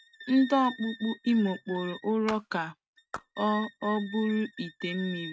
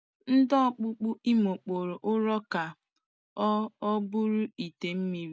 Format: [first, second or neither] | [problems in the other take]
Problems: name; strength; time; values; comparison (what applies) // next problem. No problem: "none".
second | noise reduction (neural mask model RNNoise)